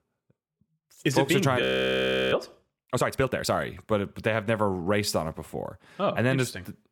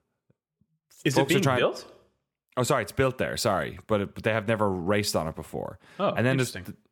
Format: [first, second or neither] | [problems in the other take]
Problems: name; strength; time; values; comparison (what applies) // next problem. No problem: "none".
second | audio freezing; at 1.5 s for 0.5 s